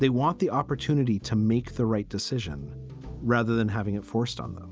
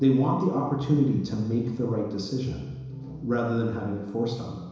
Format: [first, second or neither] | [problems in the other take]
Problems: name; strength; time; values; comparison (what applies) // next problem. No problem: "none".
first | room echo; dies away in 1 s